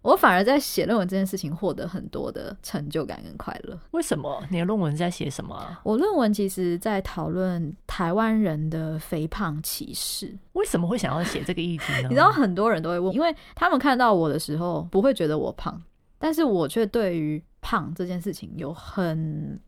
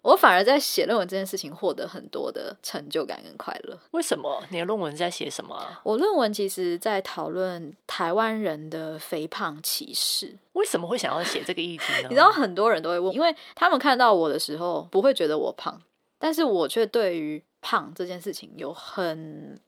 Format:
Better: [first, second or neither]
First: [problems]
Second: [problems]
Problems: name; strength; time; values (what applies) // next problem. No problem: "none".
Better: first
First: none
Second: thin; somewhat; fading below 400 Hz